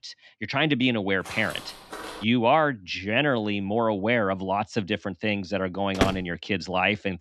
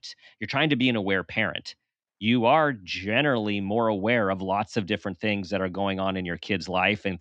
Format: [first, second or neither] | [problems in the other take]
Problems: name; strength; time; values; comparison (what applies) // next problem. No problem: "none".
second | footsteps; faint; from 1 to 2 s; peak 10 dB below the speech // door banging; noticeable; at 6 s; peak 2 dB below the speech